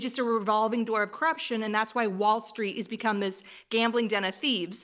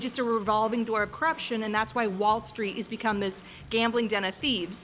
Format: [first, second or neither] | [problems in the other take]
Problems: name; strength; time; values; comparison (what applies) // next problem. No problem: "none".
first | background sound (Drum / Drum kit); 20 dB below the speech